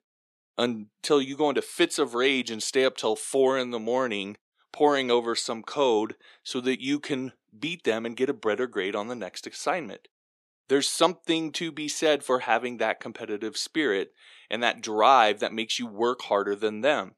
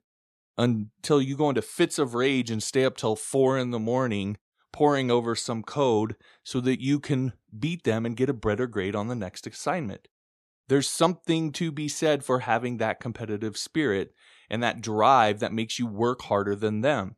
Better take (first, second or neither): second